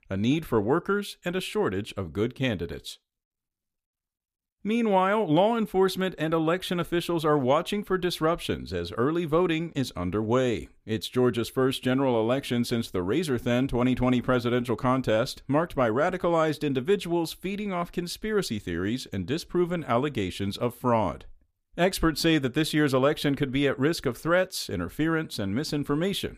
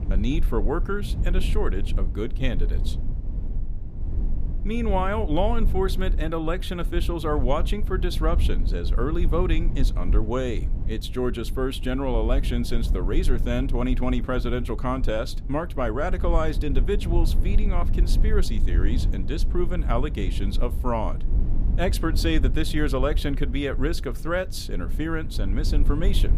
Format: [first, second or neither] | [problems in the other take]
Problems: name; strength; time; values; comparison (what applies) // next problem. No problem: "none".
first | low rumble; noticeable; throughout; 15 dB below the speech